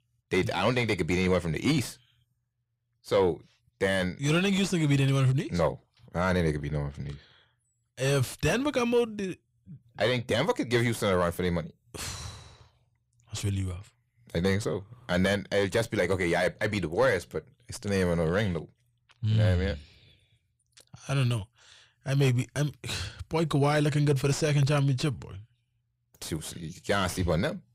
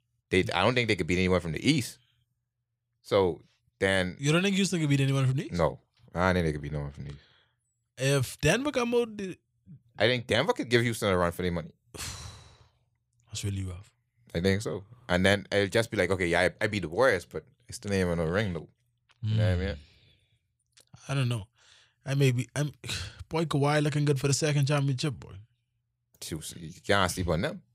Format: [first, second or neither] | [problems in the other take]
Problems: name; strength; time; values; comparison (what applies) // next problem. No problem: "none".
second | distortion; slight; 10 dB below the speech